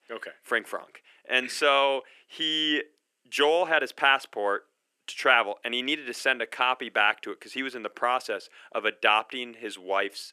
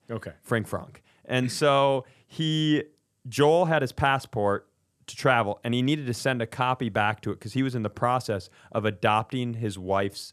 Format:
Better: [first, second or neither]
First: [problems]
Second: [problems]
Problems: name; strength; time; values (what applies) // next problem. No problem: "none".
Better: second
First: thin; somewhat; fading below 300 Hz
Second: none